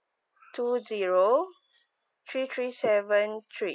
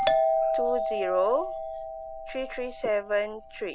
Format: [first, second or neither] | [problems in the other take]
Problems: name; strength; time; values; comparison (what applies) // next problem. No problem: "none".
first | background sound (Doorbell); 1 dB above the speech